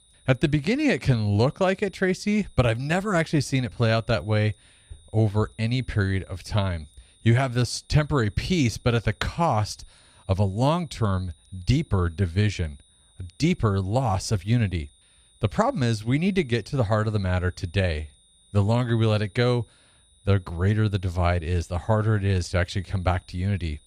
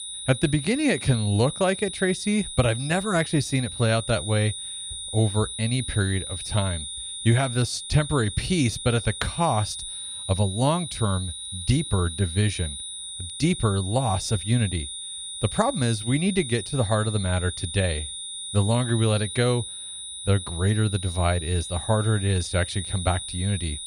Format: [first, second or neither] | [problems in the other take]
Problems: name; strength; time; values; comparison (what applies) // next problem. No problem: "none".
first | high-pitched whine; loud; throughout; 9.5 kHz, 7 dB below the speech; faint in the first